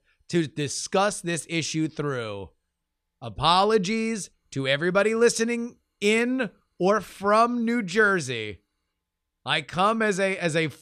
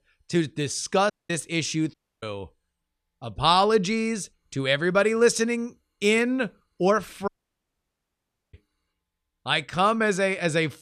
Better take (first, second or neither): first